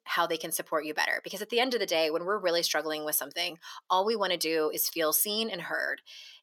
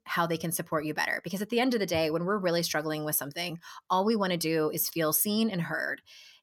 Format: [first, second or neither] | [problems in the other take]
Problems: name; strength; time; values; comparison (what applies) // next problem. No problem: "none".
second | thin; somewhat; fading below 450 Hz